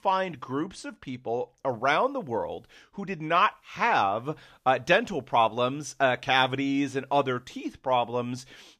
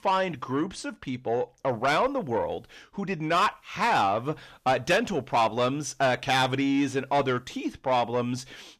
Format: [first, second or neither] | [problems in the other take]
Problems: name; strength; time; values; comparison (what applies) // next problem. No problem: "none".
first | distortion; slight; 10 dB below the speech